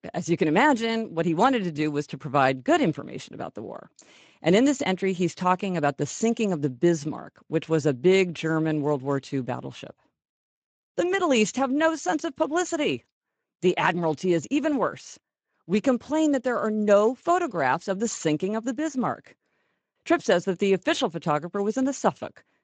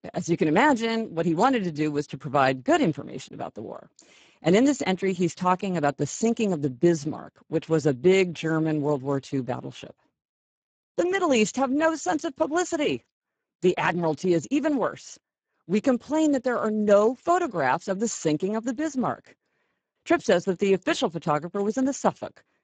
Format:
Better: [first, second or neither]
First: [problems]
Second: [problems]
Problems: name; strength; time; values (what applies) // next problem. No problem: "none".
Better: first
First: garbled, watery; slightly; nothing above 7.5 kHz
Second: garbled, watery; badly; nothing above 7.5 kHz